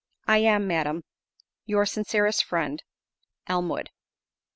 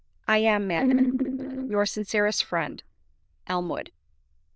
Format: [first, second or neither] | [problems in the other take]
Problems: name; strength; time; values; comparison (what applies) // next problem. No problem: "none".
first | noise reduction (neural diffusion model UNIVERSE++)